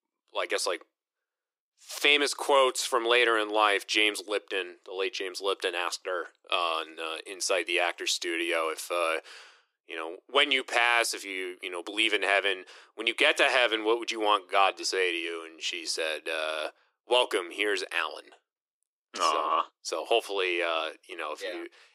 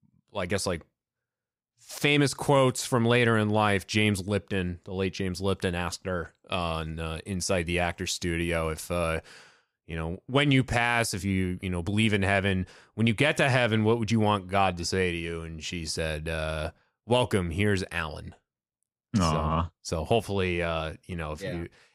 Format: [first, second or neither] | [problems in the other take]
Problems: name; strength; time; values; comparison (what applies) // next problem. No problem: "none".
second | thin; very; fading below 350 Hz